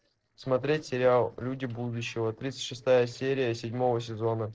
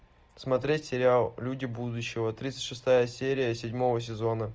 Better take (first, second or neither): second